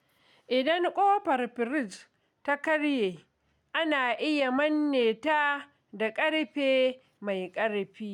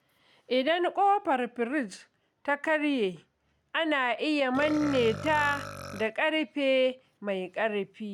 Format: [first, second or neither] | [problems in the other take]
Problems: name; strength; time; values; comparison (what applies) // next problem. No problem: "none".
first | background sound (Burping, eructation); 12 dB below the speech